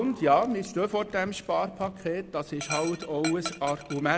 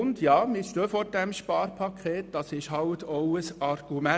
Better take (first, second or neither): second